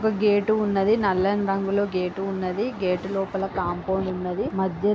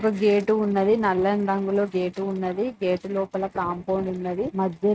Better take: first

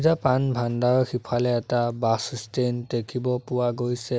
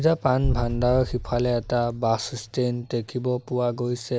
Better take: first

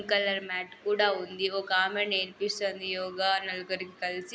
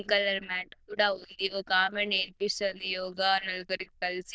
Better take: first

